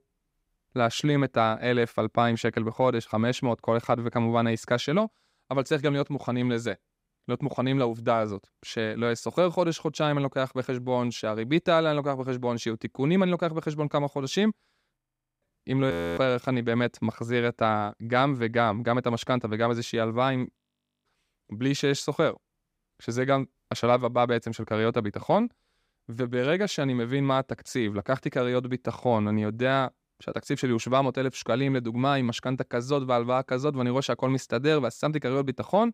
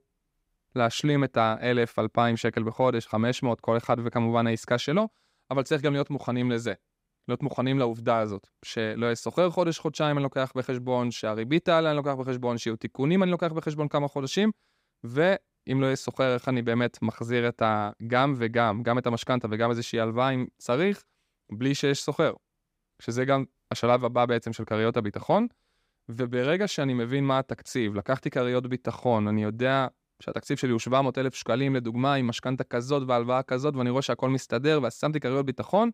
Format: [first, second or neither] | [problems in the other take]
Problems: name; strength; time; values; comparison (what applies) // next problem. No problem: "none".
second | audio freezing; at 15 s, at 16 s and at 21 s